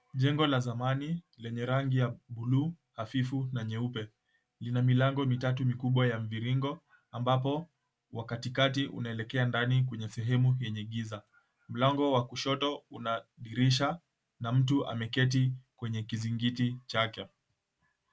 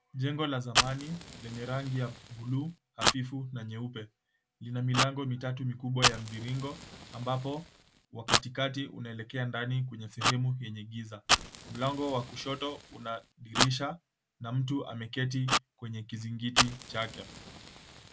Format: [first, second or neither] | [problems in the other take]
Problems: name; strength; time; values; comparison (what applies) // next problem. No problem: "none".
first | background sound (Fire); as loud as the speech